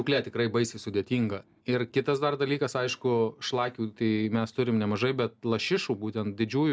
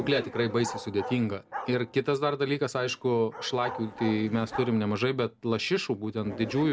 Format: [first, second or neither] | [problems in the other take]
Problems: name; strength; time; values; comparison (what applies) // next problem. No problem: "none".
first | background sound (Bark + Zipper (clothing)); 13 dB below the speech